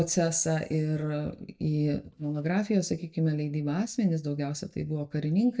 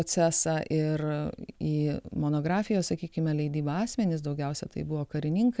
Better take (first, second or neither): second